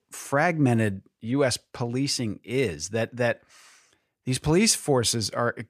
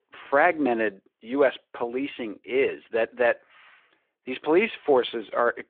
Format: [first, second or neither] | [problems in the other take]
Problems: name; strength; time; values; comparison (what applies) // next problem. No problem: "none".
first | phone-call audio